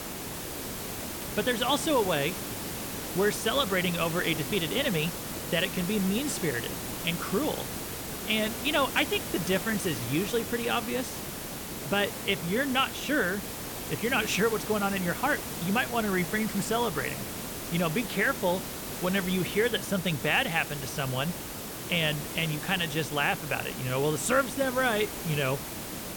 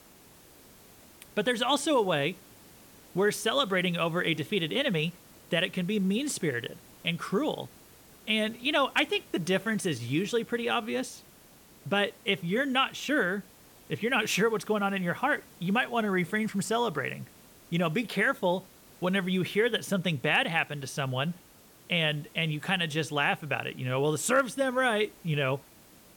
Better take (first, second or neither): second